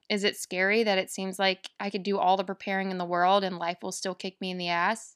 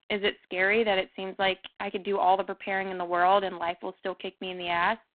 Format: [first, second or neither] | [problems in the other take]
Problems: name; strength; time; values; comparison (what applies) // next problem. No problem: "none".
first | phone-call audio; poor line